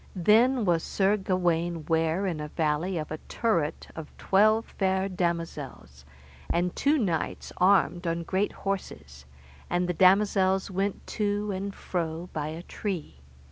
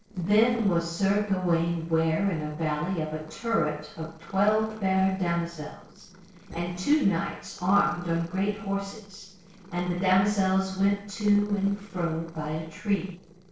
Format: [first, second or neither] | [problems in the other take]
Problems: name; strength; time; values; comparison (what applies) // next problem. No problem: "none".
first | noise reduction (neural separator model SepFormer DNS4)